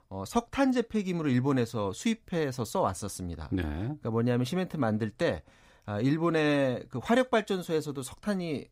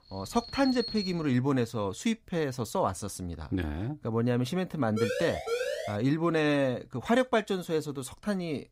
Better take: first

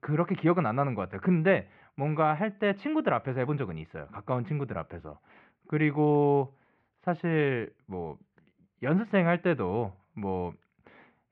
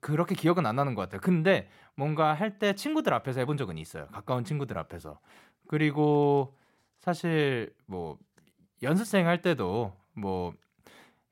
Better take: second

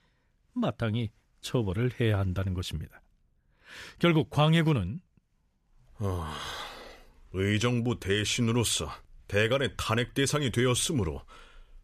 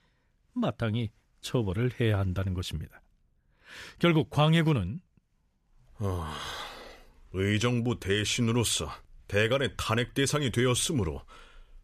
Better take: neither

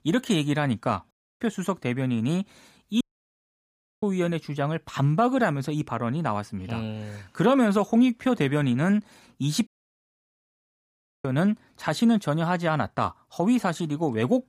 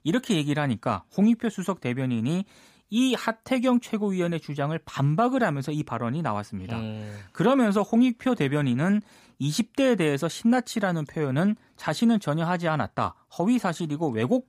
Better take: second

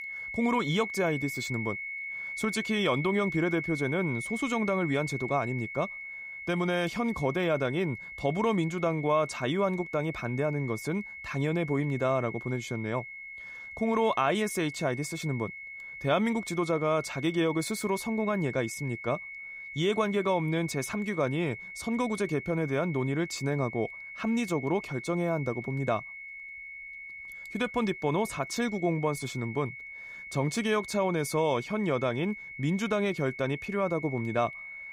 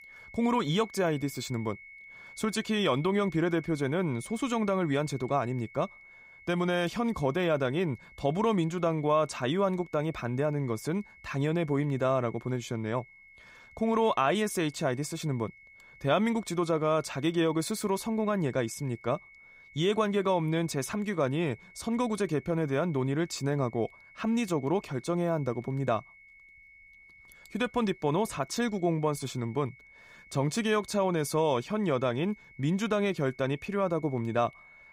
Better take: second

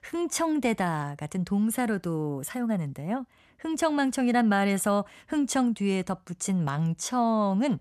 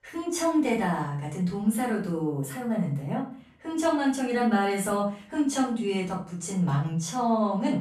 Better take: first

